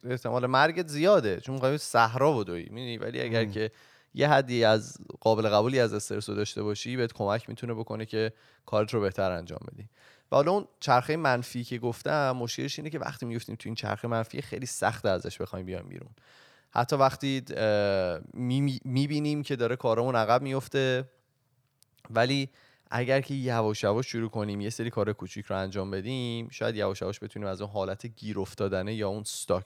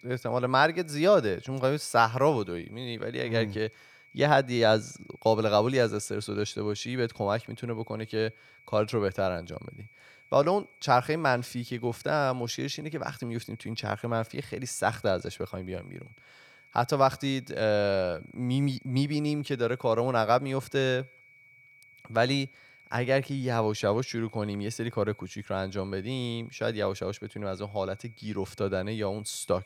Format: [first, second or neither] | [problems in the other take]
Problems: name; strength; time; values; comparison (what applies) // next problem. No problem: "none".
first | high-pitched whine; faint; throughout; 2.5 kHz, 25 dB below the speech